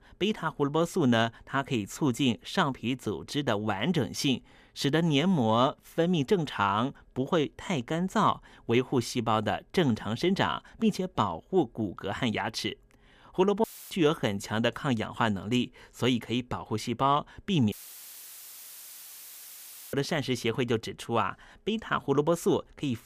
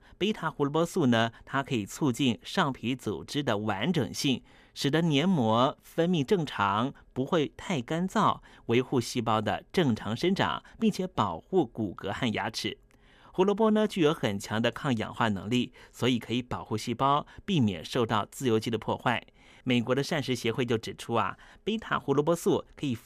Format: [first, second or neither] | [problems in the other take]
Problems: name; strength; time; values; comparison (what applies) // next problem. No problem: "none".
second | audio cutting out; filled with static; at 14 s and at 18 s for 2 s